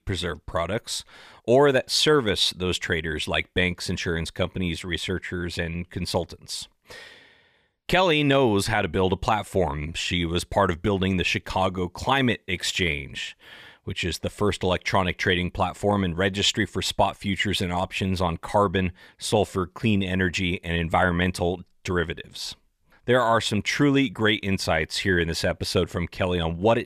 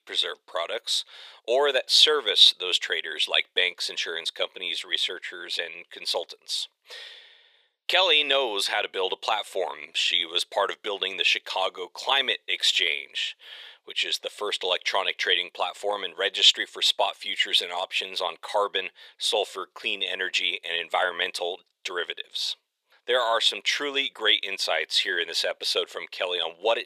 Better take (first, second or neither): first